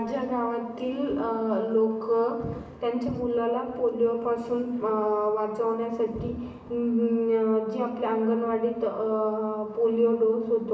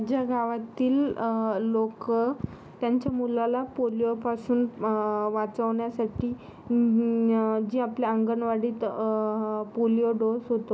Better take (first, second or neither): second